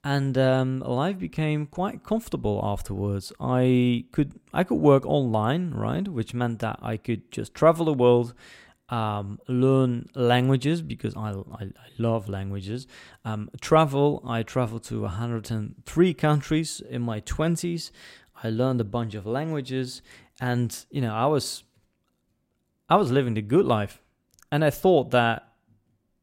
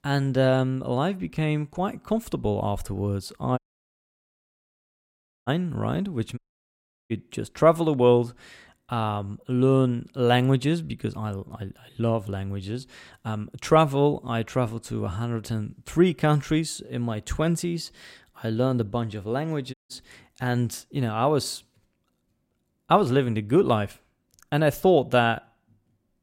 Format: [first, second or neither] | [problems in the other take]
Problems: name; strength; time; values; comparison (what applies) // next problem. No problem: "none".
first | audio cutting out; at 3.5 s for 2 s, at 6.5 s for 0.5 s and at 20 s